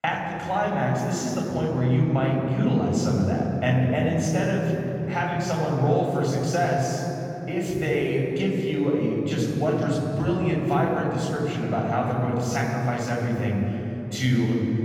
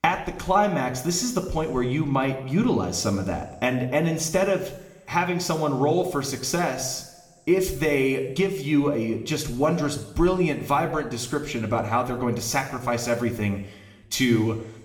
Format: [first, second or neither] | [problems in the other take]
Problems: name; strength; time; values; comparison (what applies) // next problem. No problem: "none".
second | room echo; strong; dies away in 3 s; slight in the second // off-mic speech; far